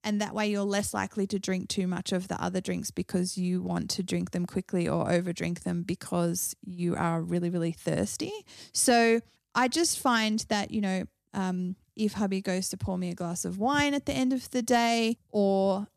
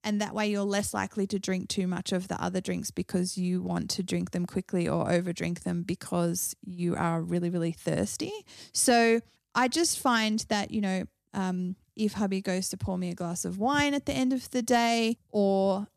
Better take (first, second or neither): neither